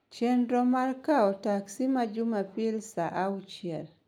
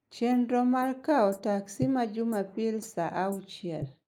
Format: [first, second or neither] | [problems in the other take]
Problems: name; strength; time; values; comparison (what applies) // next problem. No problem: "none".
first | noise reduction (neural mask model Resemble Enhance denoiser)